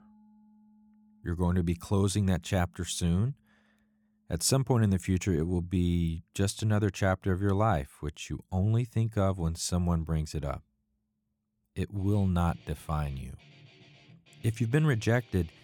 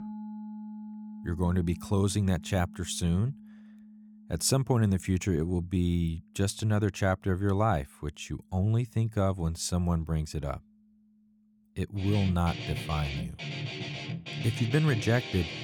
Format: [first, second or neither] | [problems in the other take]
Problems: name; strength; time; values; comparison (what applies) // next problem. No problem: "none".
first | background music; loud; throughout; 10 dB below the speech; faint in the first